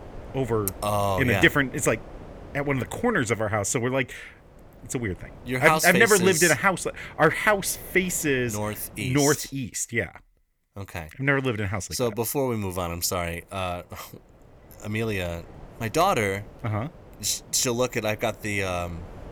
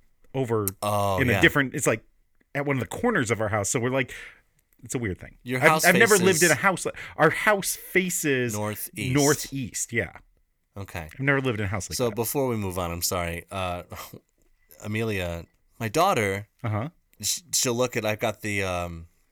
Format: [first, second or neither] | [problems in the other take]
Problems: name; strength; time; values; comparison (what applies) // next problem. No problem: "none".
second | wind noise on the microphone; occasional gusts; until 9 s and from 13 s on; 25 dB below the speech